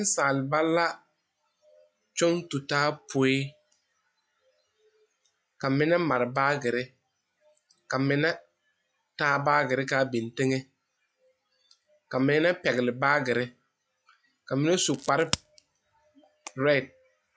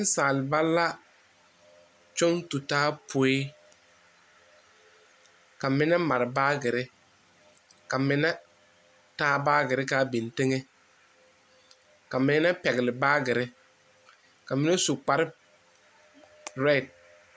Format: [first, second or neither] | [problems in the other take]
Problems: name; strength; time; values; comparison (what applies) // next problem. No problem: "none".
second | noise reduction (classical method log-MMSE)